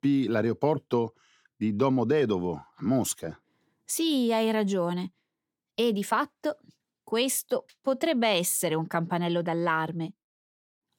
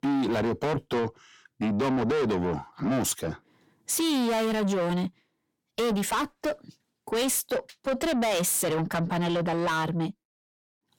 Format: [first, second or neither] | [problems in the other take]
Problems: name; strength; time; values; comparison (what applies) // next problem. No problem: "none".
first | distortion; heavy; 6 dB below the speech